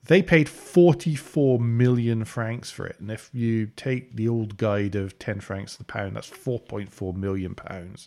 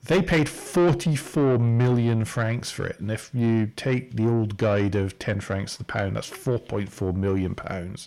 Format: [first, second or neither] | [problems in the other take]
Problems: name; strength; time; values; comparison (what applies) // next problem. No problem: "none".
first | distortion; heavy; 6 dB below the speech